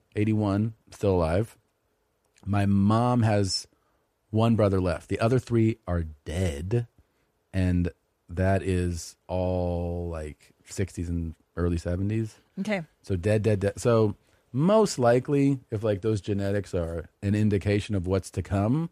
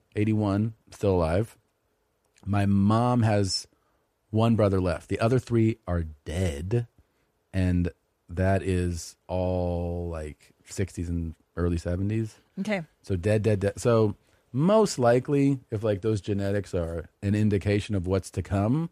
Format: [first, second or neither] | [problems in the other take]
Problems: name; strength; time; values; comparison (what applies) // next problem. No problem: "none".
neither | none